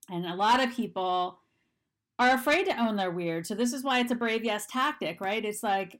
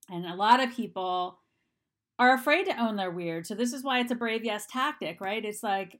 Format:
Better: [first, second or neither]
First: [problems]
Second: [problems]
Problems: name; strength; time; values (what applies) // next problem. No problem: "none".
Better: second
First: distortion; slight; 10 dB below the speech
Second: none